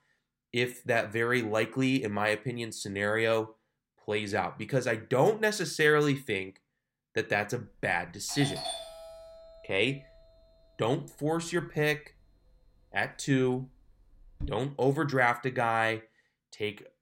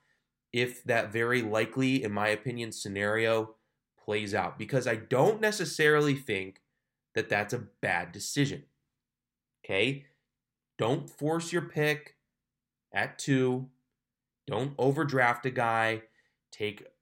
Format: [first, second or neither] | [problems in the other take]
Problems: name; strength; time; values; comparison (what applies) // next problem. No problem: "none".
second | doorbell; noticeable; from 8.5 to 15 s; peak 5 dB below the speech